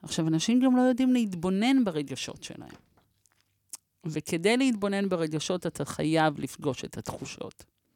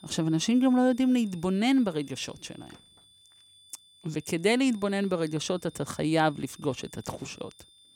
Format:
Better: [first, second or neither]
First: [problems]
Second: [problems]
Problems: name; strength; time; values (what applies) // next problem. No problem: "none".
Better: first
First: none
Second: high-pitched whine; faint; throughout; 3.5 kHz, 25 dB below the speech